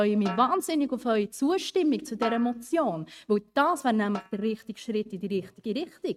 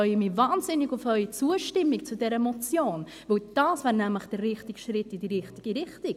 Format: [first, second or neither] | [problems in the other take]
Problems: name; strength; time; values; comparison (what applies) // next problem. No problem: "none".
second | noise reduction (neural mask model RNNoise)